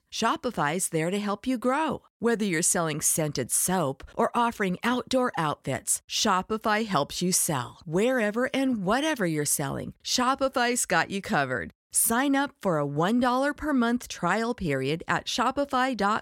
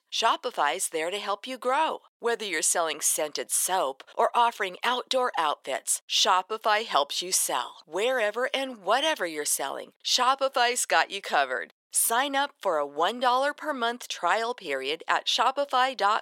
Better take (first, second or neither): first